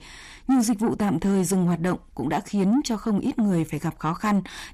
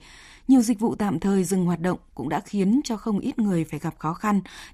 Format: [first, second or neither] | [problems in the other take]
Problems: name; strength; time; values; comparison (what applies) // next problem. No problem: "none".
second | distortion; slight; 10 dB below the speech